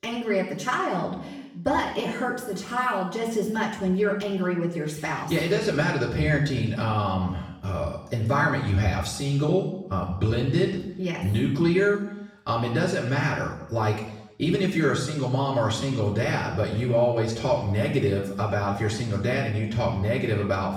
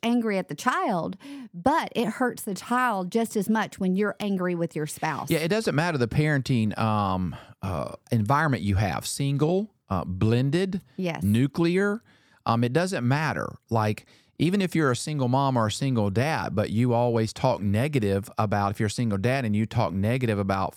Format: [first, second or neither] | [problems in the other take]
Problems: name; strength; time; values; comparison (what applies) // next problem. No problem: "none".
second | room echo; noticeable; dies away in 0.7 s // off-mic speech; far